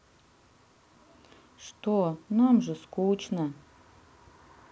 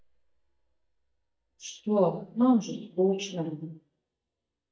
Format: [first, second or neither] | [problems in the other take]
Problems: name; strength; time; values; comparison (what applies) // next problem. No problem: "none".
first | noise reduction (neural mask model DeepFilterNet 3)